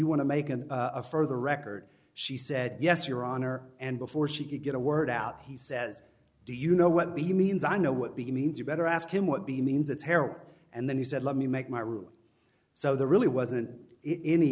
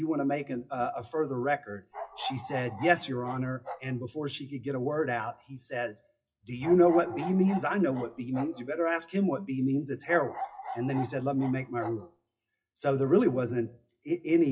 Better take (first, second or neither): first